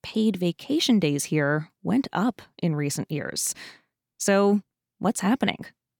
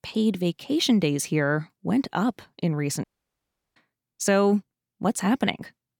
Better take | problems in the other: first | audio cutting out; at 3 s for 0.5 s

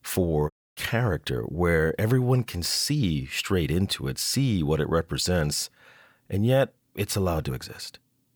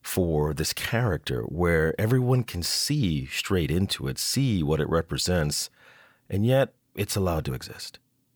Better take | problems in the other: second | audio cutting out; at 0.5 s

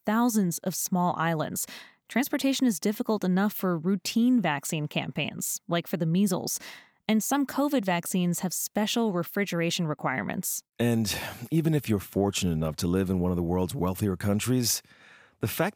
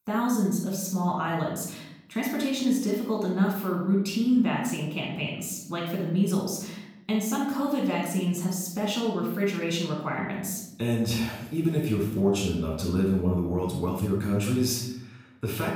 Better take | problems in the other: first | room echo; noticeable; dies away in 0.7 s // off-mic speech; far

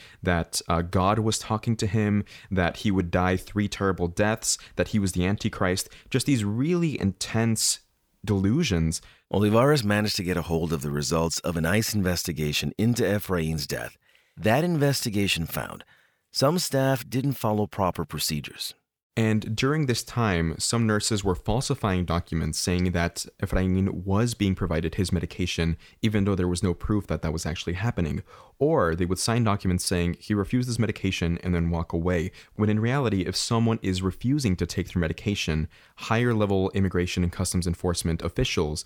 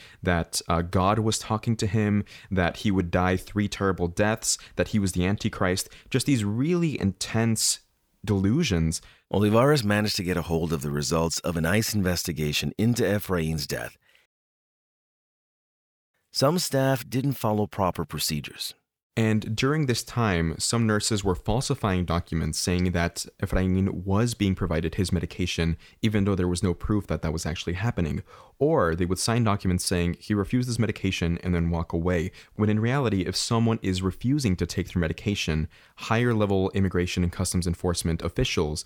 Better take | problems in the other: first | audio cutting out; at 14 s for 2 s

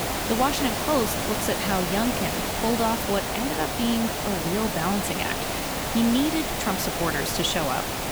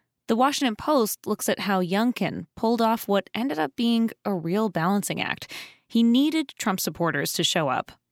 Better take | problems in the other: second | hiss; loud; throughout; as loud as the speech

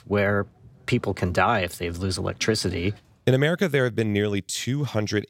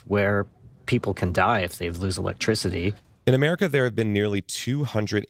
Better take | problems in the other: first | garbled, watery; slightly; nothing above 16 kHz

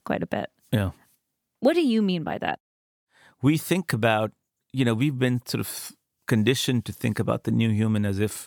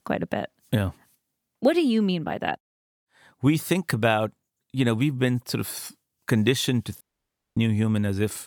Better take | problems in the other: first | audio cutting out; at 7 s for 0.5 s

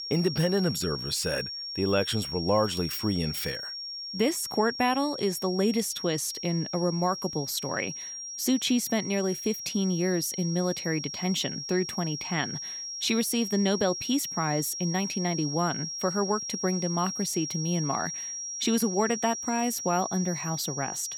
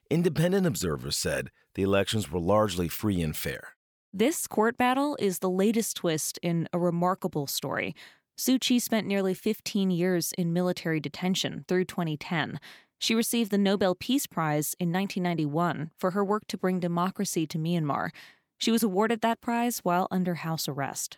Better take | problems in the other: second | high-pitched whine; loud; throughout; 5.5 kHz, 5 dB below the speech

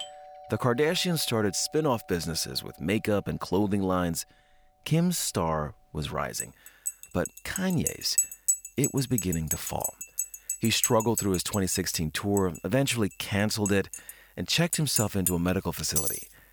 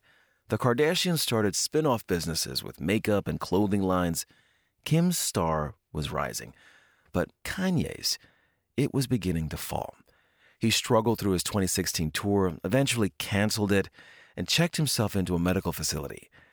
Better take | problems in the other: second | alarms or sirens; loud; throughout; 4 dB below the speech

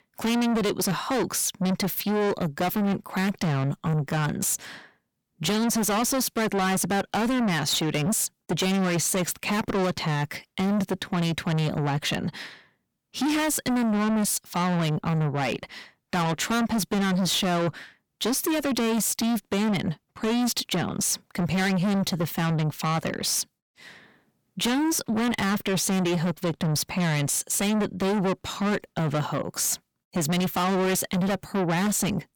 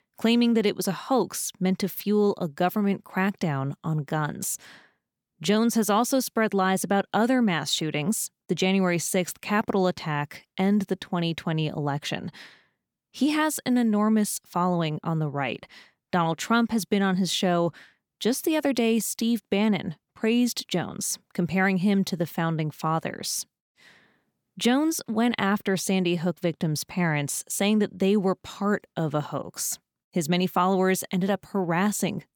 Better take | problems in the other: second | distortion; heavy; 6 dB below the speech

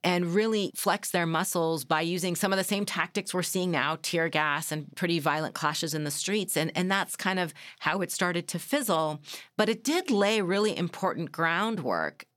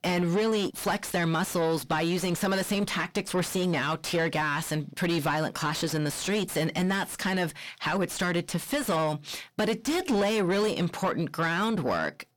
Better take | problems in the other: first | distortion; heavy; 7 dB below the speech

